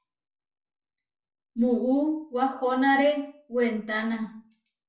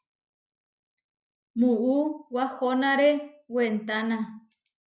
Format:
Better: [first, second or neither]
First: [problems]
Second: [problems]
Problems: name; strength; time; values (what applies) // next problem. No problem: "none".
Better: second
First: room echo; dies away in 0.3 s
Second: none